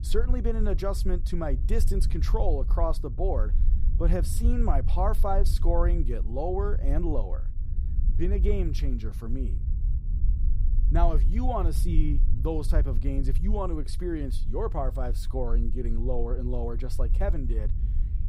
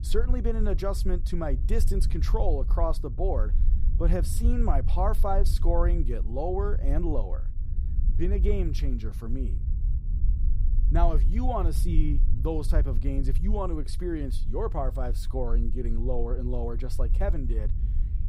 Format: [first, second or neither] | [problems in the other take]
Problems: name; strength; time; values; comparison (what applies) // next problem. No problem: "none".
neither | low rumble; noticeable; throughout; 15 dB below the speech; the same in both